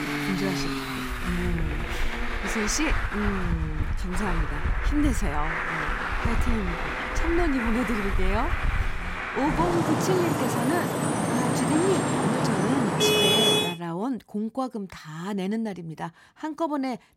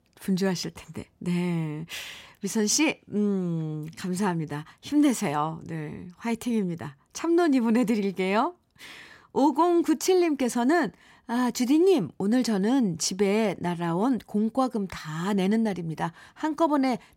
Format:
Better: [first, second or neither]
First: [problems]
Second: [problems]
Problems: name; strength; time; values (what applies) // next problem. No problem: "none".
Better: second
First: traffic noise; very loud; until 14 s; 3 dB above the speech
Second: none